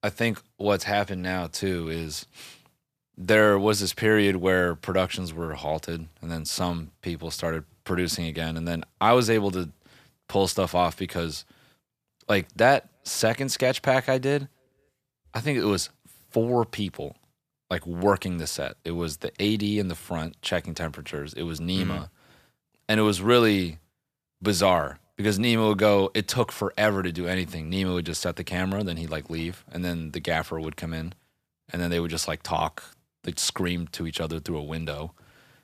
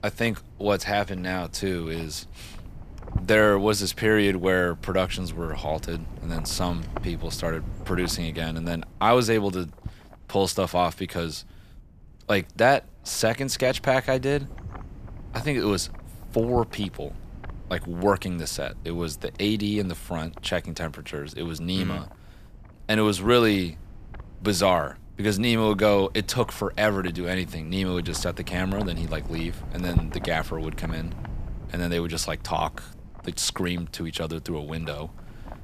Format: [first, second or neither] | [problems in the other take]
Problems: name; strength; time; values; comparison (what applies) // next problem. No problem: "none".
first | wind noise on the microphone; occasional gusts; 20 dB below the speech